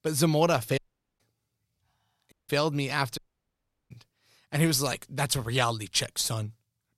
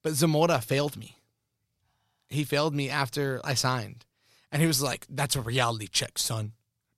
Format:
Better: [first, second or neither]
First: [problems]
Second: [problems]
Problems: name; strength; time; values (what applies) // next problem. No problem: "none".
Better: second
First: audio cutting out; at 1 s, at 2.5 s and at 3 s for 0.5 s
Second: none